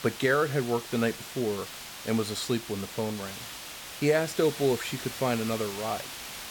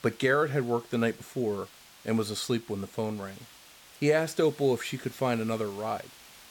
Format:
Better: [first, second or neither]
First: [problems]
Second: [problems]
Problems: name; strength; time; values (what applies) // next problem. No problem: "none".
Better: second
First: hiss; loud; throughout; 9 dB below the speech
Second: hiss; faint; throughout; 20 dB below the speech